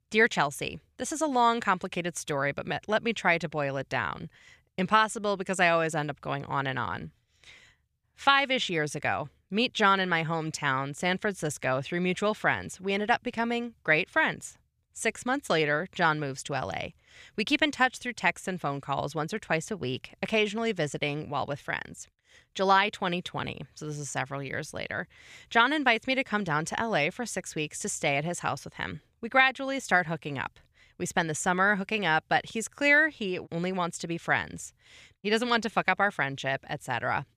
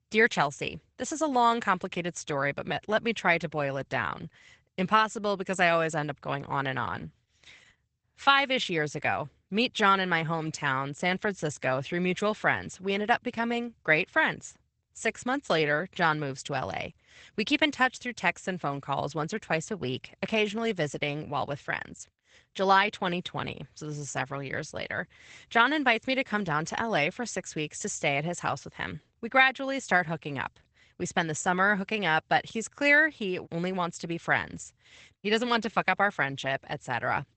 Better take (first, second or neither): first